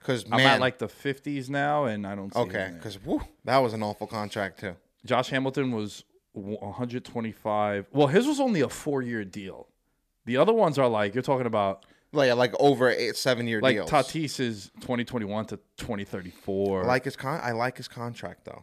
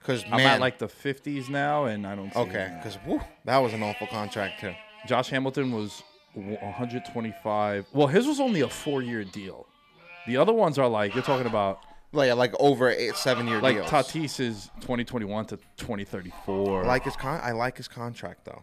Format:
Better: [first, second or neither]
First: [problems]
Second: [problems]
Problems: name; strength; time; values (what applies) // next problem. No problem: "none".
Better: first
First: none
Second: animal sounds; noticeable; throughout; 15 dB below the speech